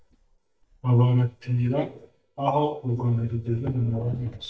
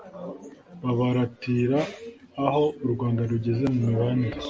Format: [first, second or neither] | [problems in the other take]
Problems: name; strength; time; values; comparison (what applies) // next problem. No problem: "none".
second | noise reduction (neural mask model DeepFilterNet 3)